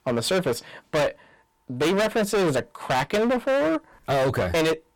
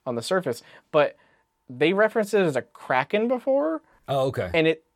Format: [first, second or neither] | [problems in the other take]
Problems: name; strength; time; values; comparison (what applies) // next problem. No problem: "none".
second | distortion; heavy; 25% of the sound clipped